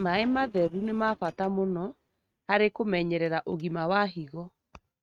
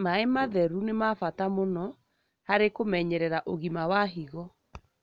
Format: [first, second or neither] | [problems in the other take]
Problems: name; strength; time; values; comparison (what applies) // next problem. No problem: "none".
second | noise reduction (neural mask model RNNoise)